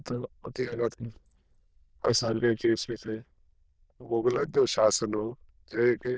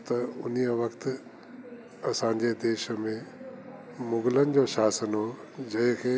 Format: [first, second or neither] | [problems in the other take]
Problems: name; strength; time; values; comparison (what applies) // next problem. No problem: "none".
second | noise reduction (neural diffusion model UNIVERSE++)